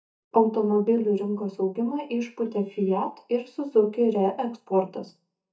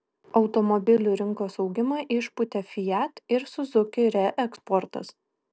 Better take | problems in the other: second | noise reduction (neural mask model DeepFilterNet 3)

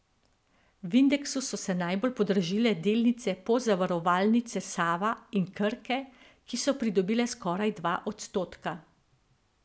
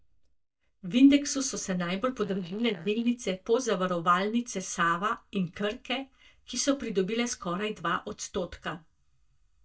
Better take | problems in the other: first | noise reduction (neural mask model DeepFilterNet 3)

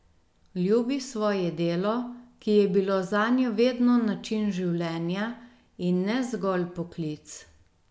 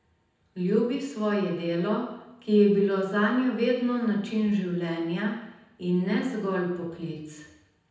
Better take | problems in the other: first | room echo; dies away in 0.9 s

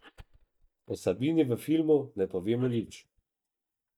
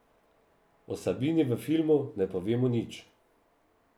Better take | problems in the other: second | noise reduction (neural mask model DeepFilterNet 3)

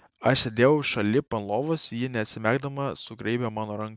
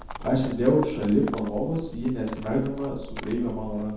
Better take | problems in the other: first | background sound (Livestock, farm animals, working animals); 12 dB below the speech // room echo; dies away in 0.9 s

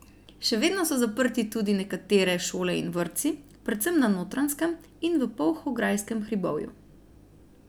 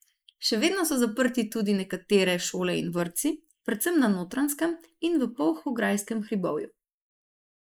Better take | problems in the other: first | noise reduction (neural mask model Resemble Enhance denoiser)

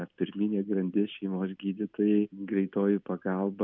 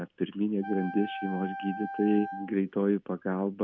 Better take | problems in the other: first | background sound (Wind instrument, woodwind instrument); 11 dB below the speech

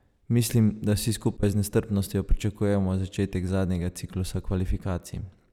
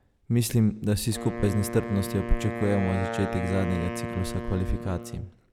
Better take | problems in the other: first | background sound (Wind instrument, woodwind instrument); 8 dB below the speech

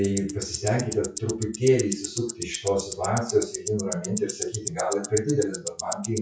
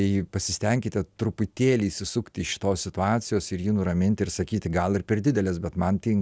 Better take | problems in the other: second | noise reduction (classical method WPE with log-MMSE)

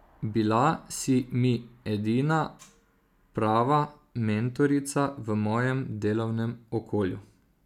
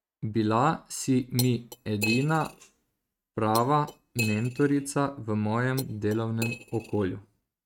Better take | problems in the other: first | noise reduction (neural mask model RNNoise)

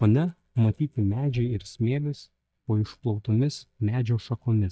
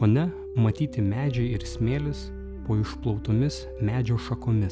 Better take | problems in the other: second | noise reduction (neural mask model DeepFilterNet 3)

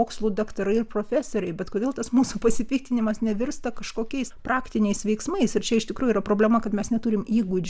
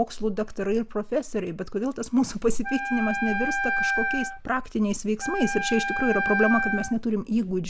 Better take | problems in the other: first | background sound (Wind instrument, woodwind instrument); 2 dB below the speech

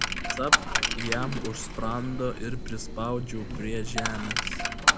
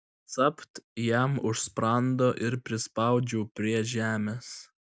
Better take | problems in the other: second | background sound (Coin (dropping)); 5 dB above the speech

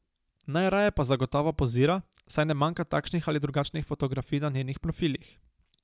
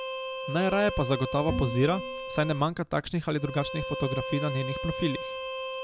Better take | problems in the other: first | background sound (Bowed string instrument + Bowed string instrument); 6 dB below the speech

